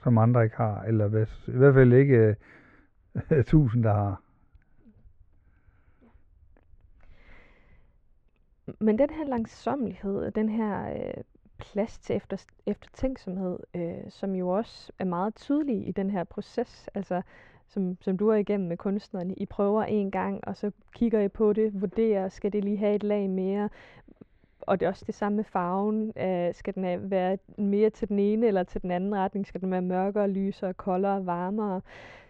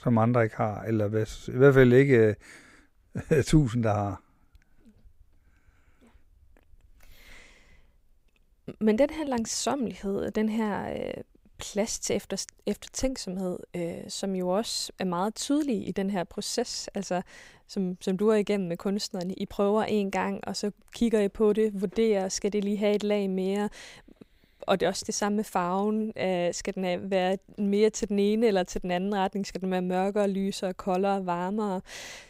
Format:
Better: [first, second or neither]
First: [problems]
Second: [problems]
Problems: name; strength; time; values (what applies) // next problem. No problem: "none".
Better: second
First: muffled; very; fading above 2 kHz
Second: none